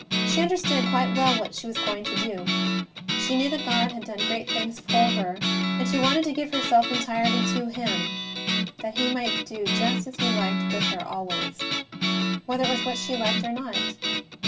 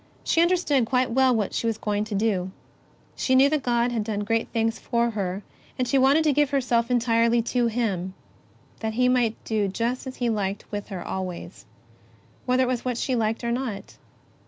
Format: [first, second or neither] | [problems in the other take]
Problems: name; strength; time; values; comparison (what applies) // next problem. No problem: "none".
second | background sound (Guitar); 1 dB above the speech // room echo; dies away in 0.2 s